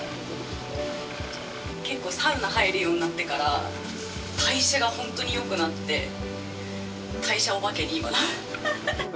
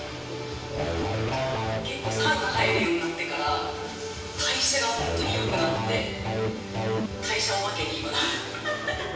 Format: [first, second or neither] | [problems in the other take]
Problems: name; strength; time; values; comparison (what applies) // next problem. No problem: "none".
first | background sound (Electric guitar / Bass guitar); as loud as the speech // room echo; dies away in 1.3 s